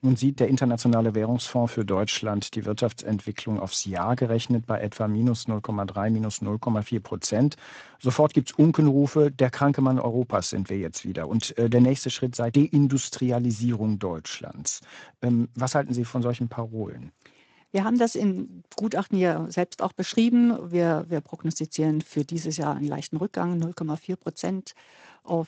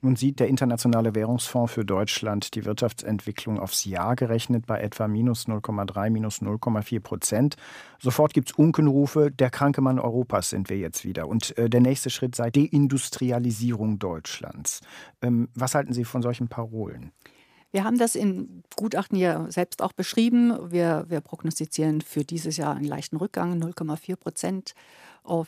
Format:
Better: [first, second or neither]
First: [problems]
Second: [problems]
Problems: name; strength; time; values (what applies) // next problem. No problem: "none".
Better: second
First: garbled, watery; slightly; nothing above 7.5 kHz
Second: none